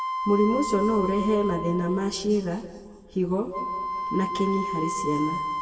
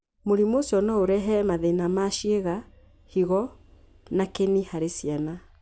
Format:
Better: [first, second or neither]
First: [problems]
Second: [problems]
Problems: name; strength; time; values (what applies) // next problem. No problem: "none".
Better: second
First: background sound (Wind instrument, woodwind instrument); 6 dB below the speech // room echo; dies away in 1.6 s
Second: none